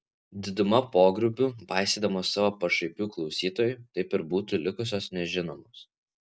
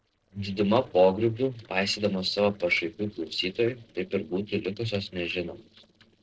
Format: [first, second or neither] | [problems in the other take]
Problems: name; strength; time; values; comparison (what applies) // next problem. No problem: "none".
first | noise reduction (neural separator model SepFormer DNS4)